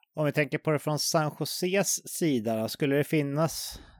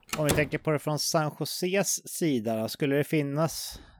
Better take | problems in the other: first | door banging; noticeable; at the start; peak 2 dB below the speech

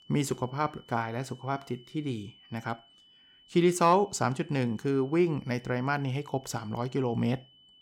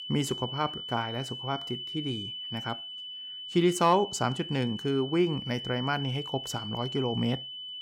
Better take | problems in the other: first | high-pitched whine; loud; throughout; 3 kHz, 7 dB below the speech; faint in the first

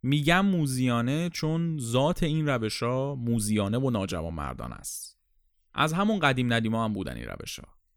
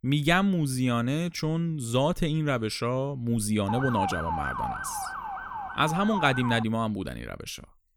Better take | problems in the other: first | siren; noticeable; from 3.5 to 6.5 s; peak 2 dB below the speech

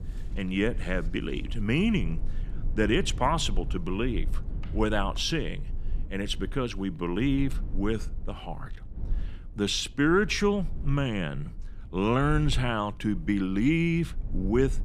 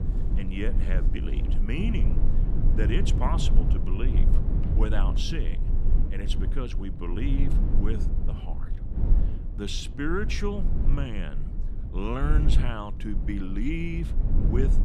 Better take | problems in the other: first | low rumble; loud; throughout; 7 dB below the speech; faint in the first

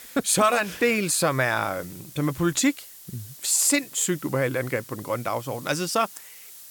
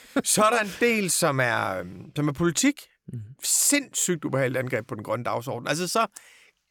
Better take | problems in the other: second | hiss; noticeable; throughout; 20 dB below the speech

